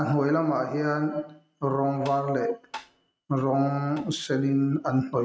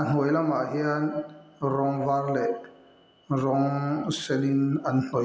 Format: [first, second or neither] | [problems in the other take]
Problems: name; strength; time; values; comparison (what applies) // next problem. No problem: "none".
second | noise reduction (neural mask model RNNoise)